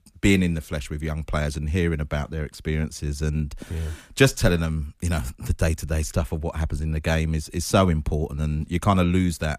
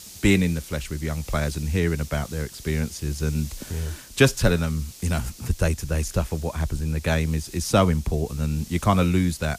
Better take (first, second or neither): first